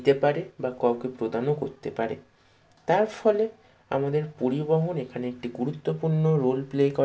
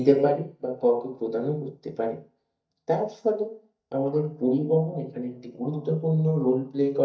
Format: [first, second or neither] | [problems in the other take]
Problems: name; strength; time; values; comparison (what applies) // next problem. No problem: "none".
first | noise reduction (neural mask model DeepFilterNet 3)